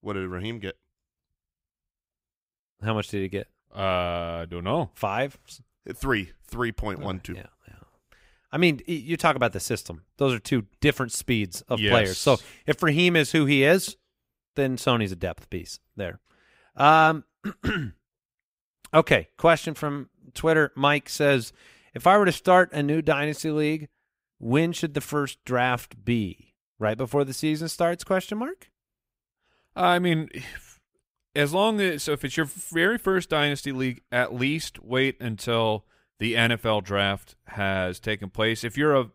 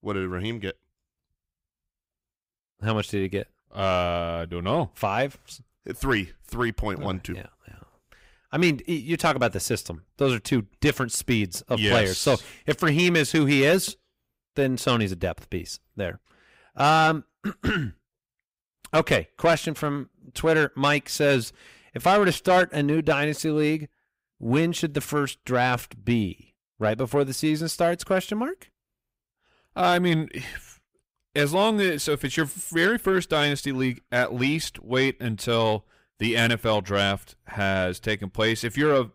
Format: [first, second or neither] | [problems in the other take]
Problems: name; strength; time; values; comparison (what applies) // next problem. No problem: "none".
first | distortion; slight; 10 dB below the speech